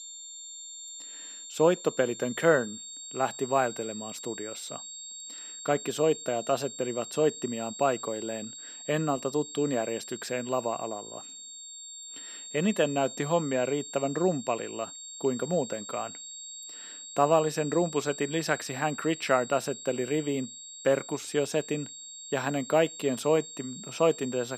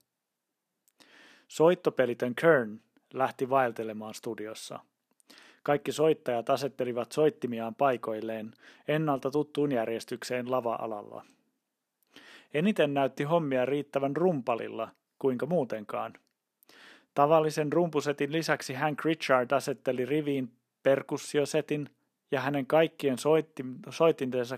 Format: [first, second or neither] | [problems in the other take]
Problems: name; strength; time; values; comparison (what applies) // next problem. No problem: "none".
second | high-pitched whine; noticeable; throughout; 7.5 kHz, 10 dB below the speech